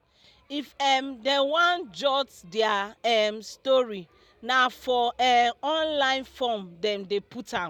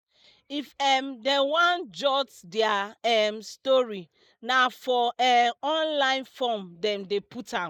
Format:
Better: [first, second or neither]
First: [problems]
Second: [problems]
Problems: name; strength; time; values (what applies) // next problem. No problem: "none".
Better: first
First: none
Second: noise reduction (neural mask model Resemble Enhance denoiser)